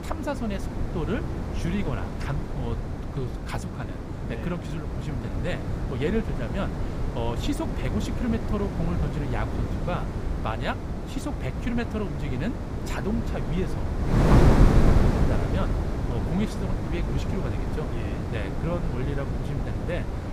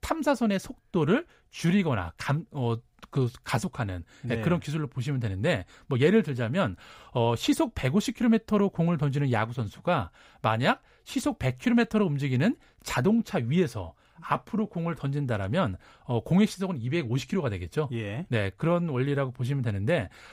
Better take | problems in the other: second | wind noise on the microphone; heavy; 1 dB above the speech

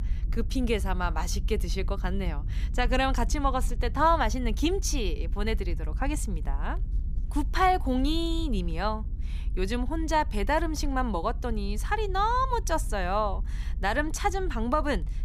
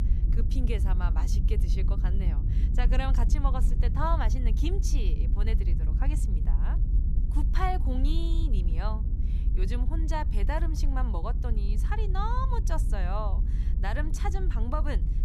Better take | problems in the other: first | low rumble; loud; throughout; 10 dB below the speech; faint in the first

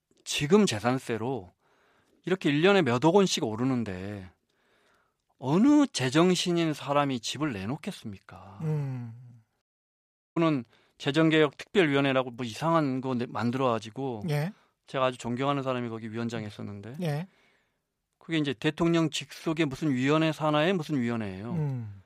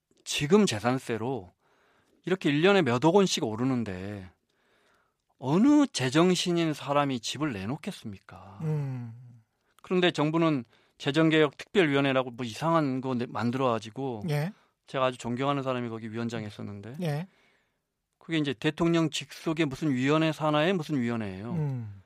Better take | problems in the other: second | audio cutting out; at 9.5 s for 0.5 s

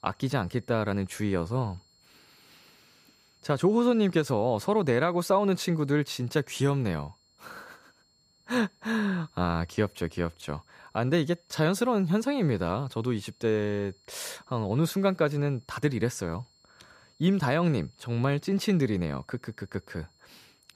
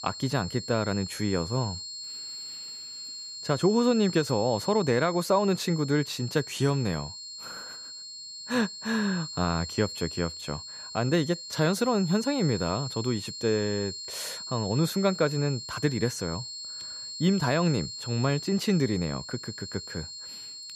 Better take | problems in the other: first | high-pitched whine; loud; throughout; 4.5 kHz, 9 dB below the speech; faint in the first

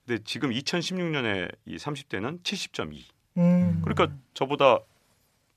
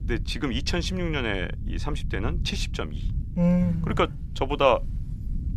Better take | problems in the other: first | low rumble; faint; throughout; 20 dB below the speech

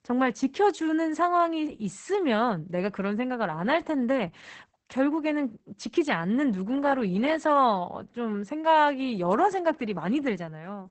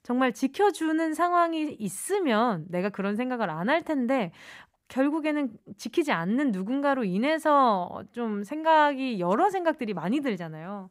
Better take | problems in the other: second | garbled, watery; badly; nothing above 8 kHz

